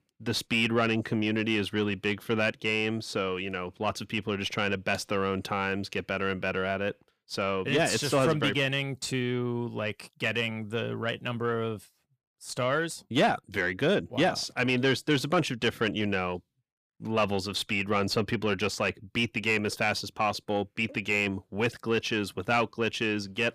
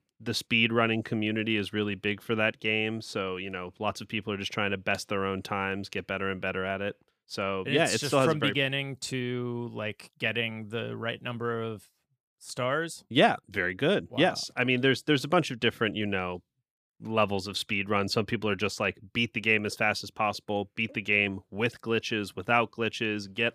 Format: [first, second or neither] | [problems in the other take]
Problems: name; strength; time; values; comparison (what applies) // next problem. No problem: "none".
second | distortion; slight; 10 dB below the speech